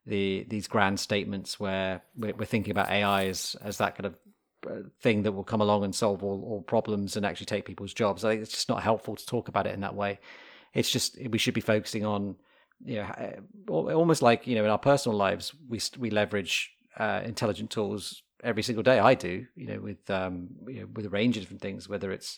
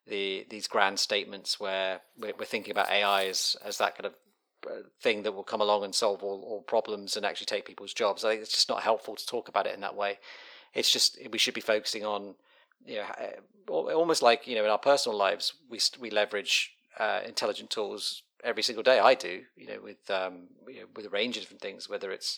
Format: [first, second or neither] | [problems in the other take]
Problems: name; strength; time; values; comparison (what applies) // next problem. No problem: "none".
first | thin; somewhat; fading below 500 Hz